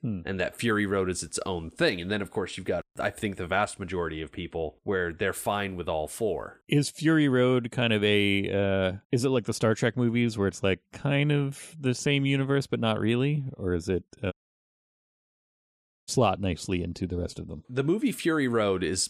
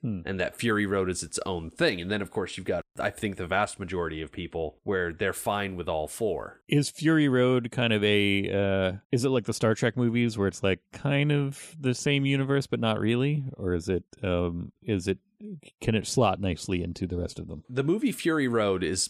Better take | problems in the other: second | audio cutting out; at 14 s for 2 s

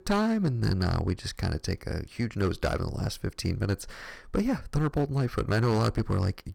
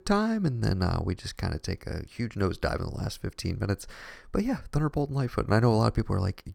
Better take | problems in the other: second | distortion; slight; 9% of the sound clipped

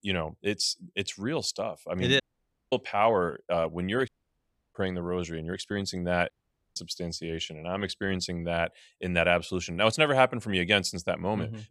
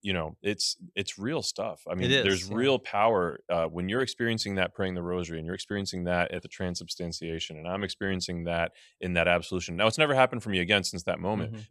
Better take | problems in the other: second | audio cutting out; at 2 s for 0.5 s, at 4 s for 0.5 s and at 6.5 s

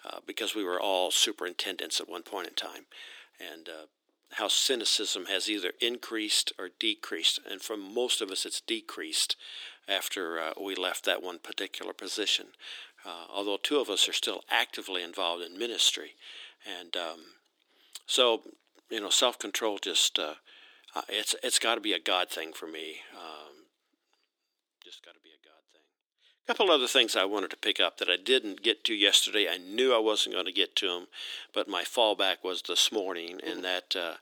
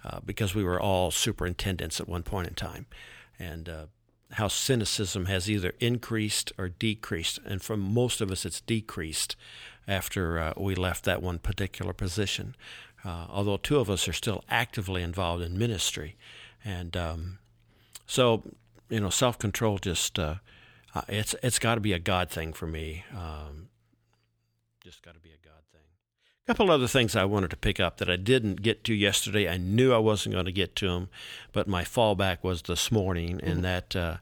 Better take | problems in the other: second | thin; somewhat; fading below 300 Hz

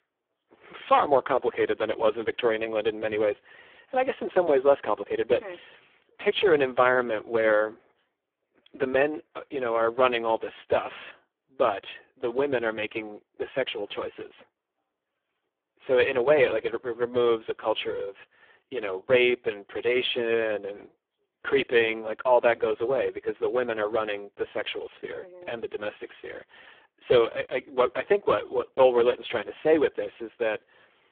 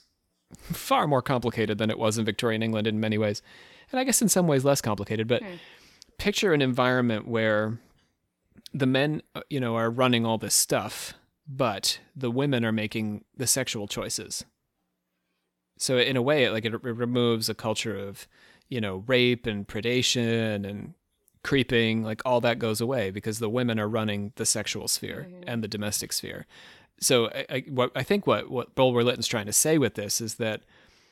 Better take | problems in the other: second | phone-call audio; poor line; nothing above 3.5 kHz

